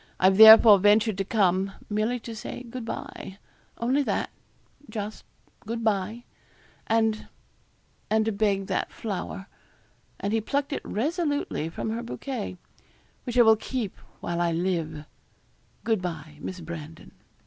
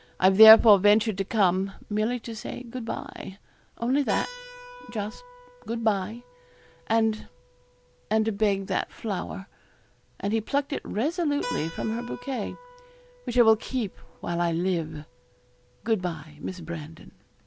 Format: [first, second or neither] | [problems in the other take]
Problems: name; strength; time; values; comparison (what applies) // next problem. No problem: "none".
first | background sound (Keyboard (musical)); 20 dB below the speech